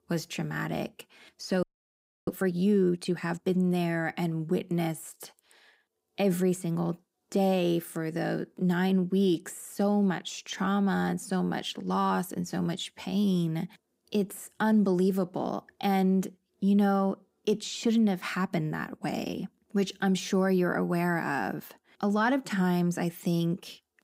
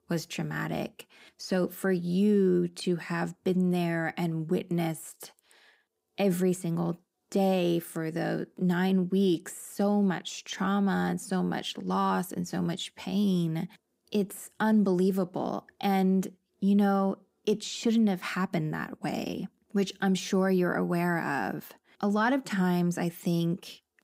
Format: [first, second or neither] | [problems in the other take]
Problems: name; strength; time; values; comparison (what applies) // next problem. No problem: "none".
second | audio freezing; at 1.5 s for 0.5 s